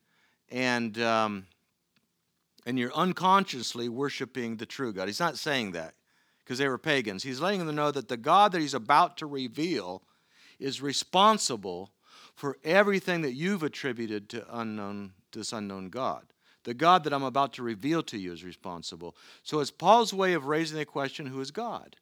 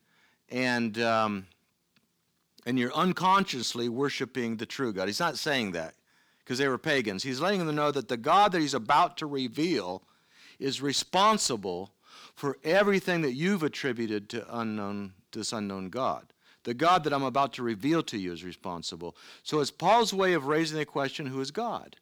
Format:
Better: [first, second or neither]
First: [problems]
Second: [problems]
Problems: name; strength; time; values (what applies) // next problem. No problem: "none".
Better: first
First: none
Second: distortion; slight; 10 dB below the speech